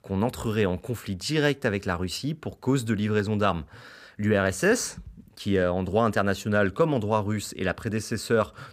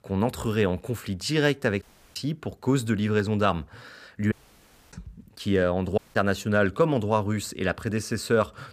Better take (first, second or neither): first